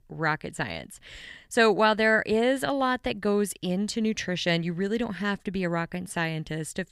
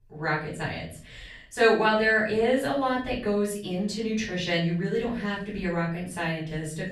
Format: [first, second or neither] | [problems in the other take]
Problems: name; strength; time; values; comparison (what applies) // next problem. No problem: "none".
first | off-mic speech; far // room echo; noticeable; dies away in 0.5 s